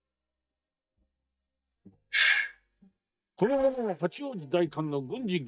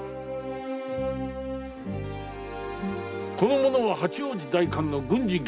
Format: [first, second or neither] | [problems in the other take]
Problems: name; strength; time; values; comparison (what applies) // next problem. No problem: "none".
second | noise reduction (neural mask model DeepFilterNet 3)